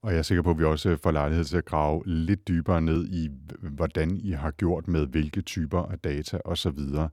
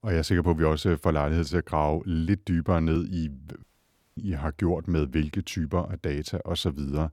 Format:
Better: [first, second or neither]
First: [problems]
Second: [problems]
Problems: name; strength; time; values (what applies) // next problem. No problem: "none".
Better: first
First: none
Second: audio cutting out; at 3.5 s for 0.5 s